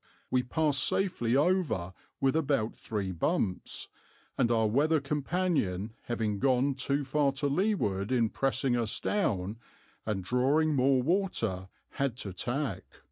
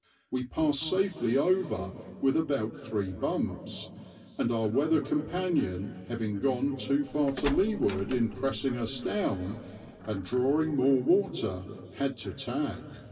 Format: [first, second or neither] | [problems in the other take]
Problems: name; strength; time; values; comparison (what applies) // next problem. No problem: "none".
first | background sound (Door); 13 dB below the speech // room echo; dies away in 3 s